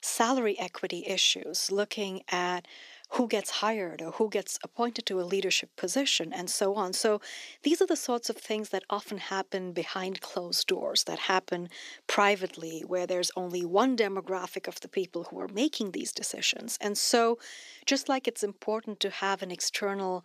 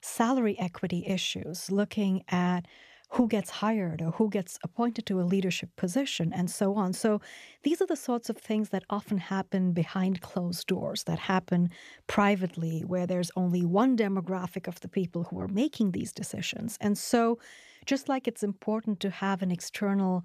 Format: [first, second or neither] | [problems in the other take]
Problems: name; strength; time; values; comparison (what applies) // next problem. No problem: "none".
second | thin; somewhat; fading below 300 Hz